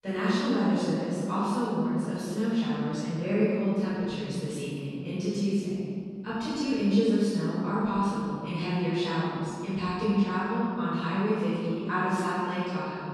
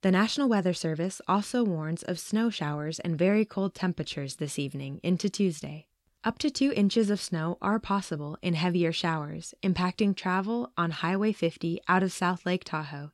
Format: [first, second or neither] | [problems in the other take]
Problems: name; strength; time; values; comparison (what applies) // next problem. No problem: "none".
second | room echo; strong; dies away in 2.3 s // off-mic speech; far